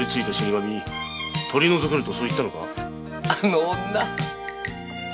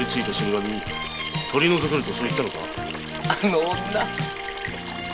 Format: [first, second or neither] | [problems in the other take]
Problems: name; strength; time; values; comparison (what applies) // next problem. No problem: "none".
first | background sound (Sink (filling or washing) / Water tap, faucet); 10 dB below the speech